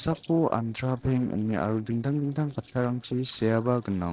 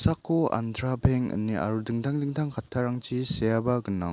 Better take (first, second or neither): second